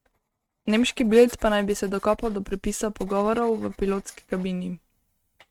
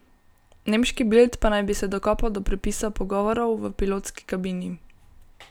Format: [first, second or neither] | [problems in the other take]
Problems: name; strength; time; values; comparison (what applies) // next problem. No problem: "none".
second | noise reduction (neural mask model RNNoise)